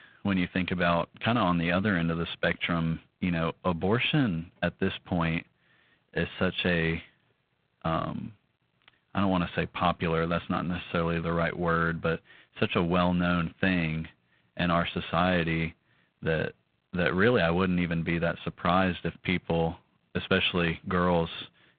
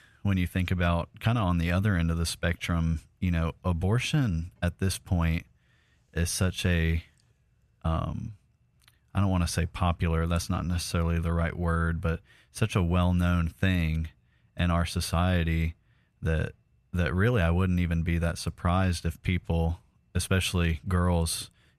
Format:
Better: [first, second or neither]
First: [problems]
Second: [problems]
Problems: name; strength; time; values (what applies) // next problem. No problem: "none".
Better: second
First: phone-call audio; poor line; nothing above 3.5 kHz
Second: none